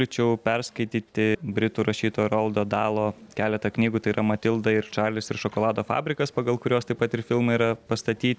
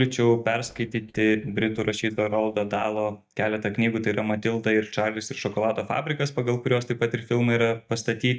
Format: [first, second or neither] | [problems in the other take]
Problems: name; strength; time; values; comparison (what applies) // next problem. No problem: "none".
first | noise reduction (neural mask model DeepFilterNet 3)